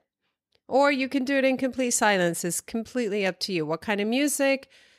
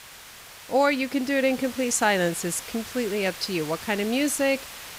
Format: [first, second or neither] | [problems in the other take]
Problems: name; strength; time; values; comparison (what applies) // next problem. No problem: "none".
first | hiss; noticeable; throughout; 15 dB below the speech